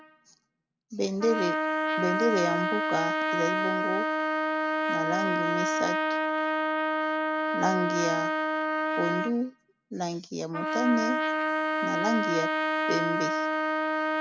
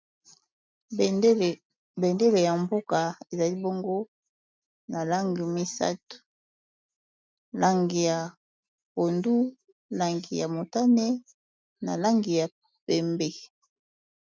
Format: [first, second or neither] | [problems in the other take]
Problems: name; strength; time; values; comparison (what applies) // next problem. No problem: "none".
second | background sound (Trumpet); 4 dB above the speech